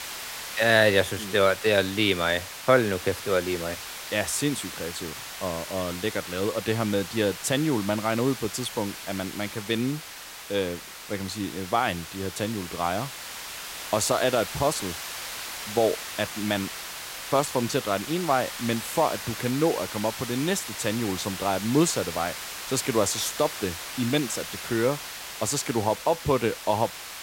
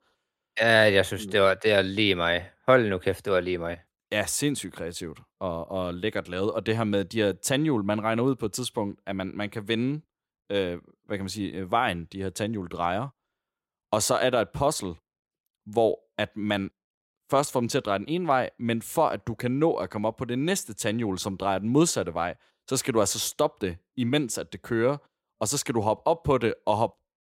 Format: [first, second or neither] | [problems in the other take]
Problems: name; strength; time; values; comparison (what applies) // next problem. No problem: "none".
second | hiss; loud; throughout; 8 dB below the speech